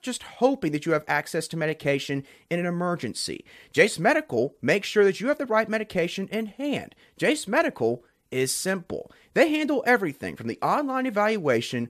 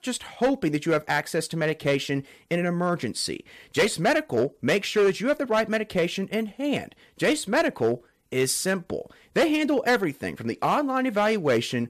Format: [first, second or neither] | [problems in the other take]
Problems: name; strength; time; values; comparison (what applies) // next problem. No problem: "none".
first | distortion; slight; 4% of the sound clipped